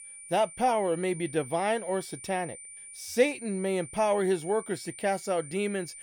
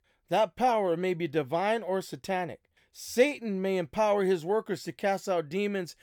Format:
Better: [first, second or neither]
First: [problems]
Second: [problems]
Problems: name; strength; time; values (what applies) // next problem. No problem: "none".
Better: second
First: high-pitched whine; noticeable; throughout; 9 kHz, 15 dB below the speech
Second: none